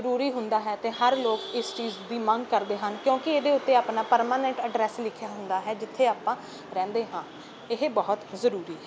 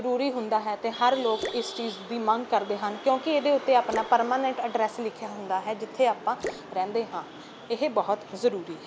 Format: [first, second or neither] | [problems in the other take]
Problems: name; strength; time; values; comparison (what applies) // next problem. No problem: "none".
first | background sound (Drip / Splash, splatter); 16 dB below the speech